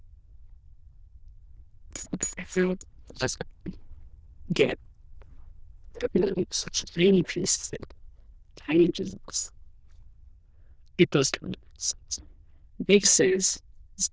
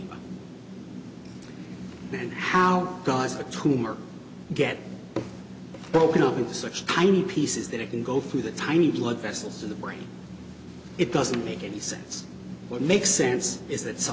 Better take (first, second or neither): second